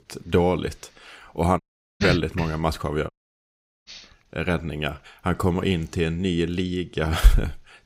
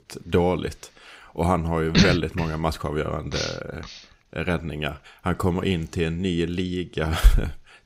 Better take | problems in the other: second | audio cutting out; at 1.5 s and at 3 s for 1 s

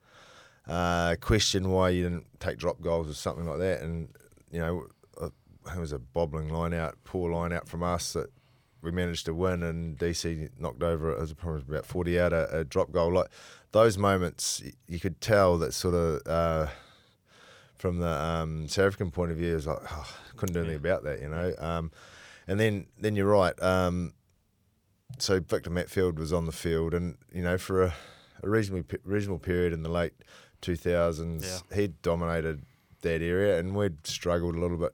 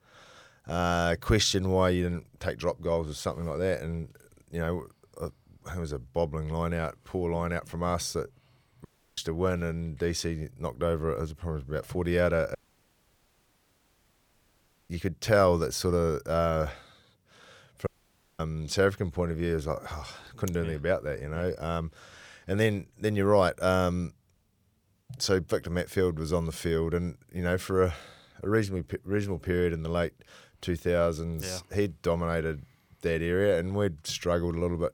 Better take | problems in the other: first | audio cutting out; at 9 s, at 13 s for 2.5 s and at 18 s for 0.5 s

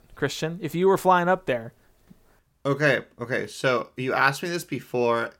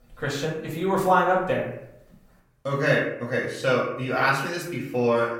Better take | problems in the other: first | off-mic speech; far // room echo; noticeable; dies away in 0.6 s

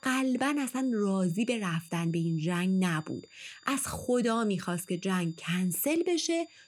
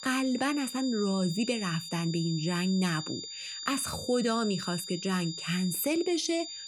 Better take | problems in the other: first | high-pitched whine; loud; throughout; 4.5 kHz, 8 dB below the speech; faint in the first

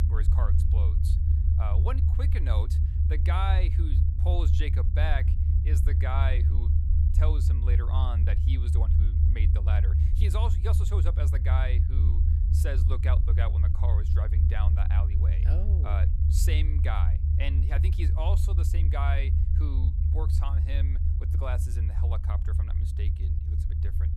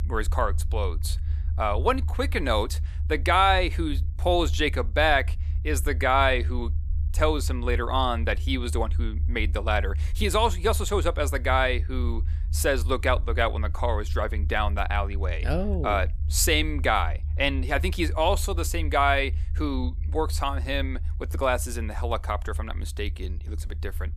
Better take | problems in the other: second | low rumble; loud; throughout; 4 dB below the speech; faint in the second

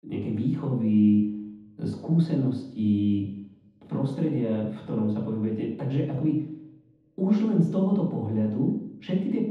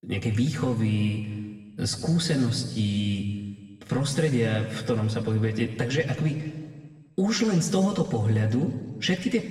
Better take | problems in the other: second | room echo; strong; dies away in 0.9 s; slight in the second // off-mic speech; far; somewhat distant in the second

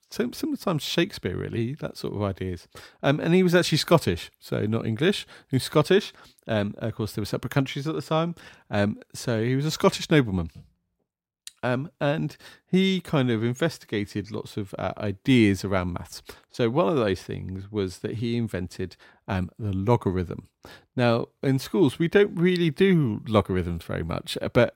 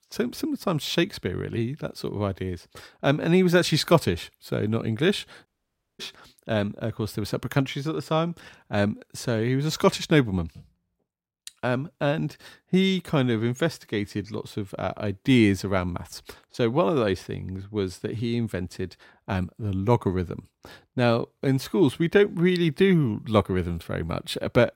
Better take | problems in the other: first | audio cutting out; at 5.5 s for 0.5 s

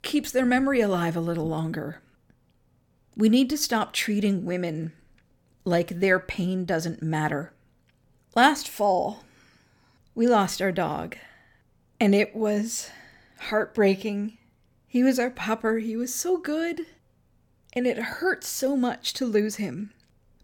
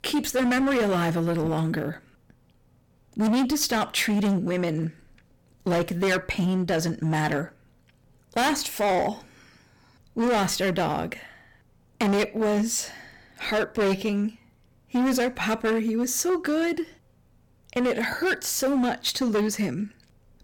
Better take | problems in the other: first | distortion; heavy; 14% of the sound clipped

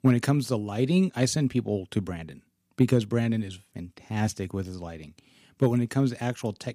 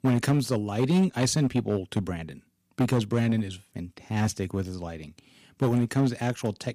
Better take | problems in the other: first | distortion; slight; 6% of the sound clipped

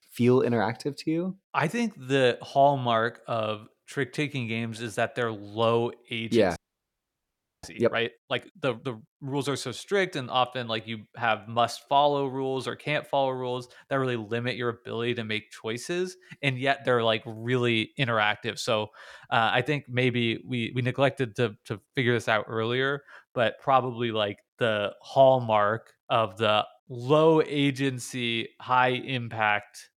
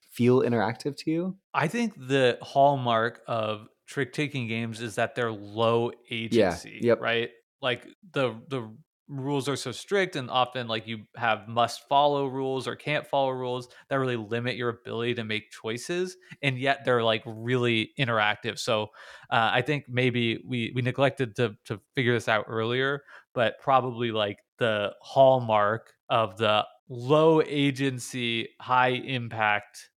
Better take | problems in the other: second | audio freezing; at 6.5 s for 1 s

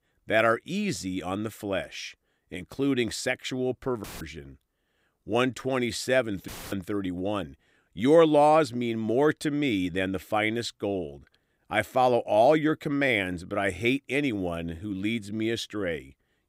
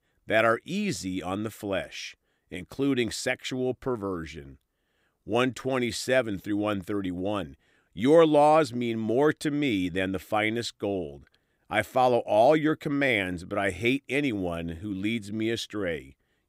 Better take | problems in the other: second | audio cutting out; filled with static; at 4 s and at 6.5 s

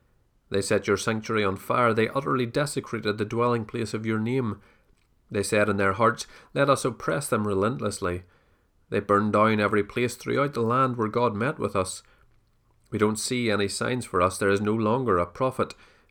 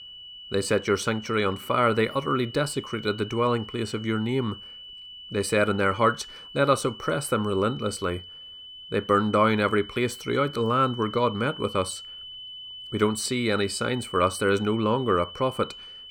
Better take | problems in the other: first | high-pitched whine; noticeable; throughout; 3 kHz, 15 dB below the speech

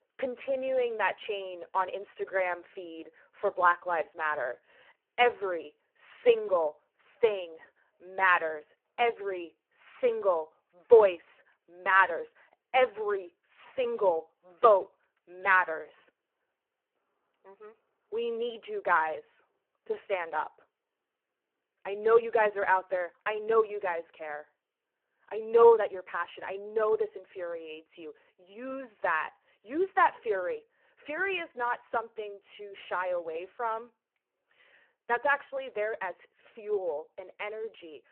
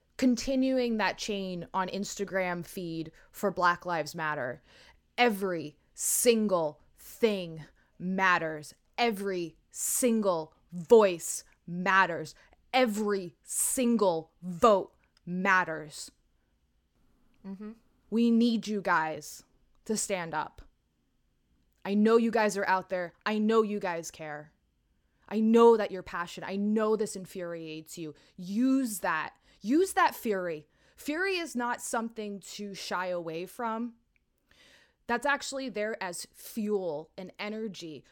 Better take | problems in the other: second | phone-call audio; poor line

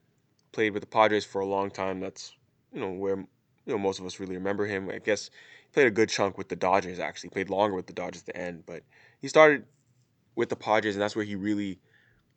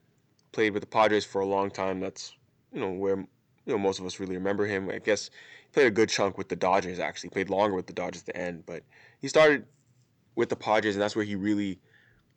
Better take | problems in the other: first | distortion; slight; 10 dB below the speech

